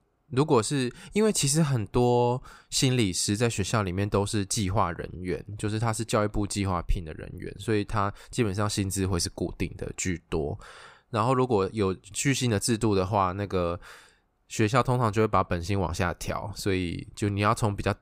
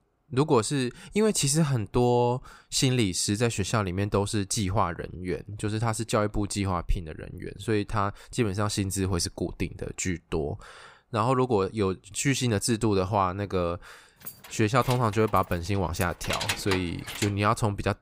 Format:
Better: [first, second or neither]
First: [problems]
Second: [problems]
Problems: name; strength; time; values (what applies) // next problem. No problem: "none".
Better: first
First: none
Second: jangling keys; noticeable; from 14 to 17 s; peak 2 dB below the speech